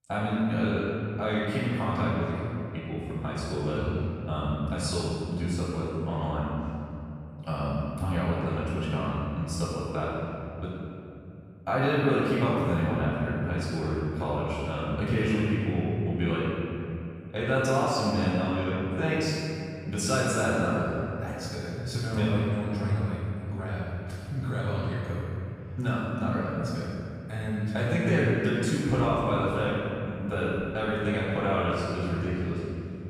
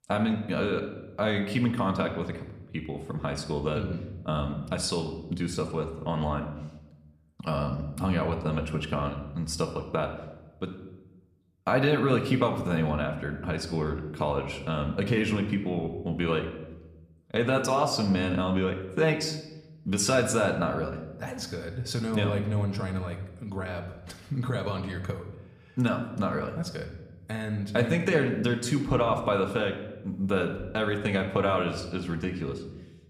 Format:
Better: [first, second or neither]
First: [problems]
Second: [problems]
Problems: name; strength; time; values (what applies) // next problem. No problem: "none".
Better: second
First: room echo; strong; dies away in 2.6 s // off-mic speech; far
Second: room echo; slight; dies away in 0.8 s